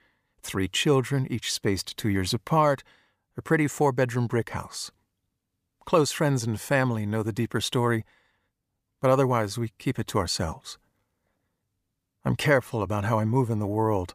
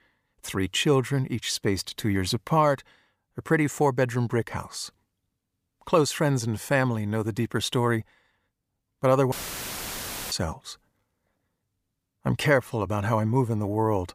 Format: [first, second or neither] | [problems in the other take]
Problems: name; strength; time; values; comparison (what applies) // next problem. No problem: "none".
first | audio cutting out; filled with static; at 9.5 s for 1 s